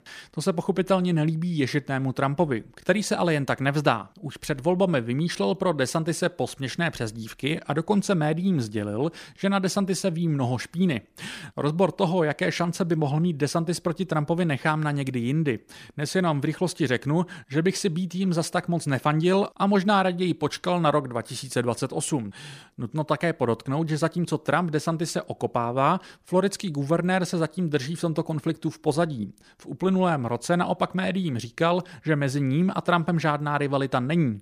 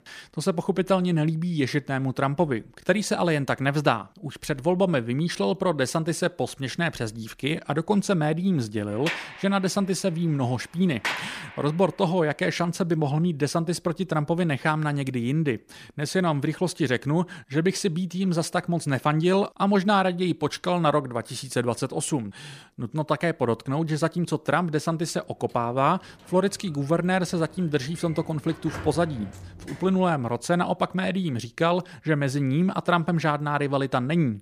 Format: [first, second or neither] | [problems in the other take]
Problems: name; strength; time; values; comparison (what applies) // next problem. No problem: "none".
first | door banging; noticeable; from 9 to 11 s; peak 3 dB below the speech // door banging; faint; from 26 to 30 s; peak 10 dB below the speech